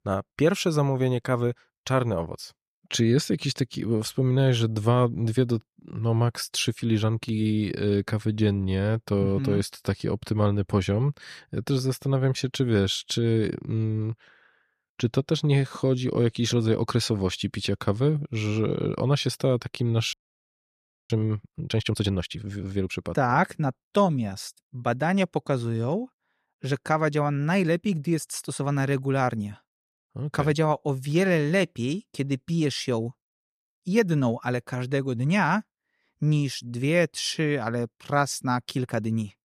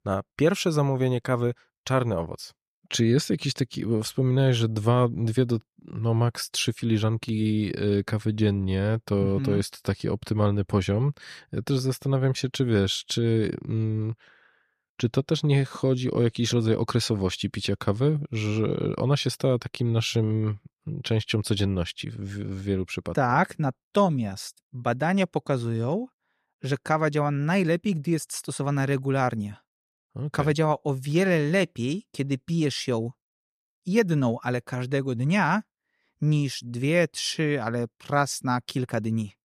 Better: second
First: audio freezing; at 20 s for 1 s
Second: none

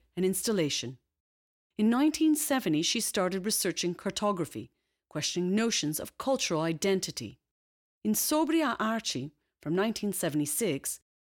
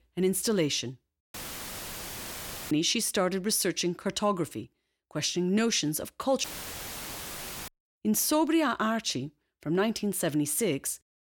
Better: first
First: none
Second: audio cutting out; filled with static; at 1.5 s for 1.5 s and at 6.5 s for 1 s

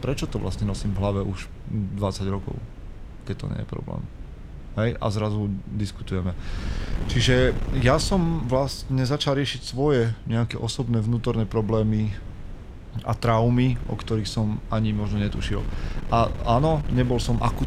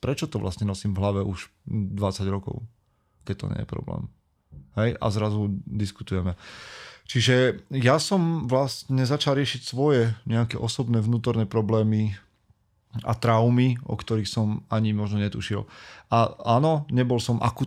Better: second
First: wind noise on the microphone; occasional gusts; 15 dB below the speech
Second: none

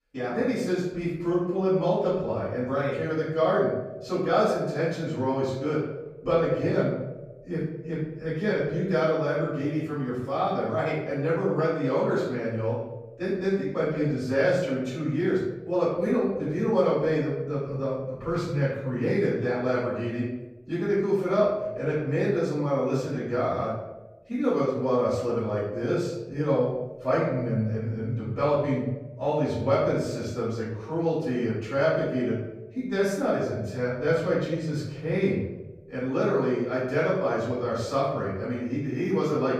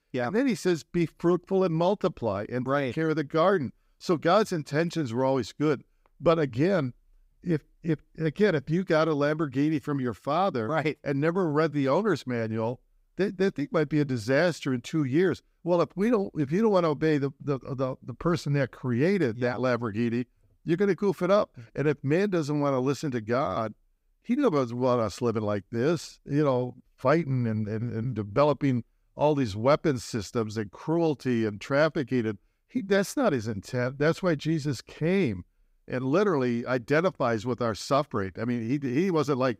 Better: second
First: off-mic speech; far // room echo; noticeable; dies away in 0.9 s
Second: none

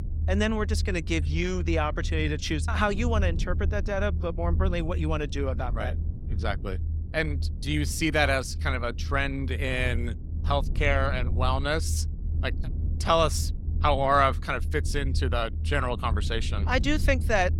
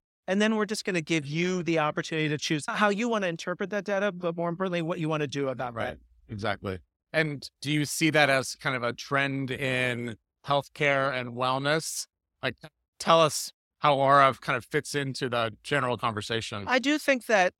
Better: second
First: low rumble; noticeable; throughout; 20 dB below the speech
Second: none

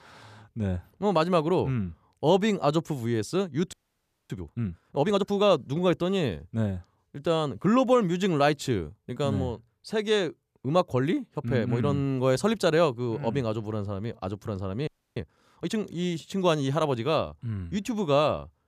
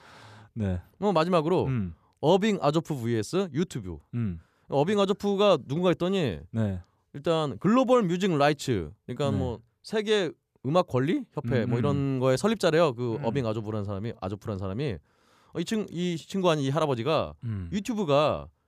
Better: second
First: audio freezing; at 3.5 s for 0.5 s and at 15 s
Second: none

